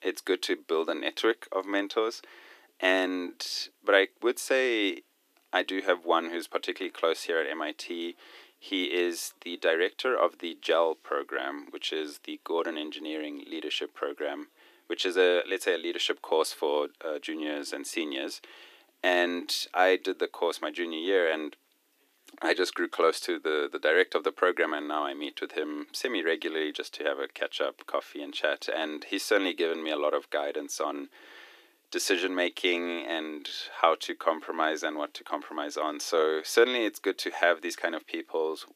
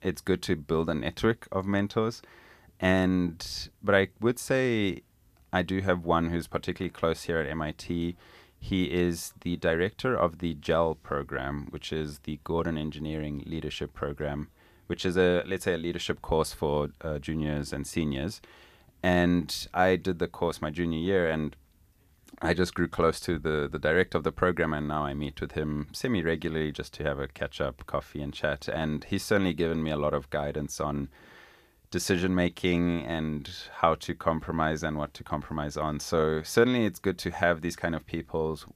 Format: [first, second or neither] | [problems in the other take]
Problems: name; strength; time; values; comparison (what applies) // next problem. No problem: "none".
second | thin; somewhat; fading below 300 Hz